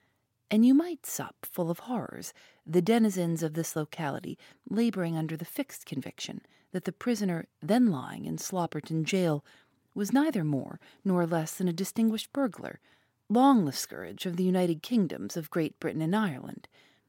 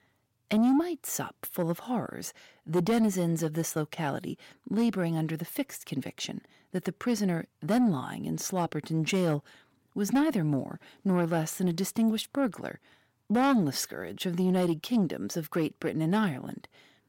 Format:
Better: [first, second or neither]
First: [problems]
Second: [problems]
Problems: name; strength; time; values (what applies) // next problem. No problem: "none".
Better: first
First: none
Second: distortion; slight; 10 dB below the speech